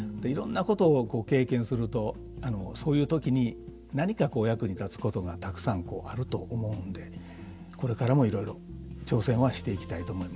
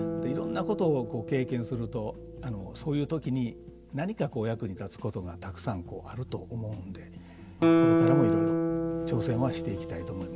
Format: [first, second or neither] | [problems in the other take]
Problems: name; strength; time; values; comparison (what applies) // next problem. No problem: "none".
first | background sound (Guitar); 1 dB above the speech